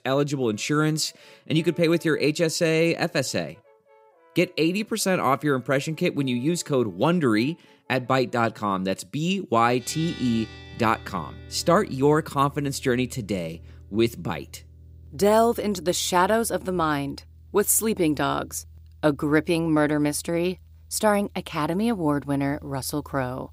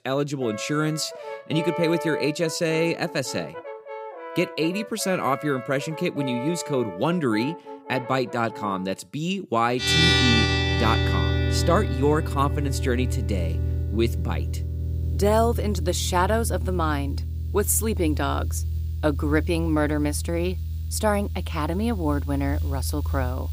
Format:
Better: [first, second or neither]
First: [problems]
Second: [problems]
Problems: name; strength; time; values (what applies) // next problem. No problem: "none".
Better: first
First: background music; faint; throughout; 25 dB below the speech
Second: background music; loud; throughout; 2 dB below the speech